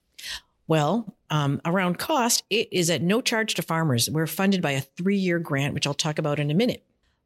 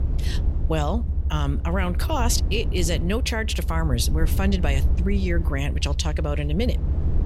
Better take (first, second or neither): first